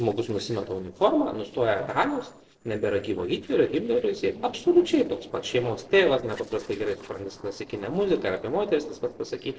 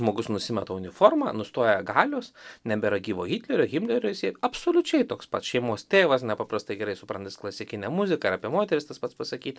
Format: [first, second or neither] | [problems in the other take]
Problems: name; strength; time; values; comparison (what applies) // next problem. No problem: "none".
second | noise reduction (neural separator model SepFormer DNS4)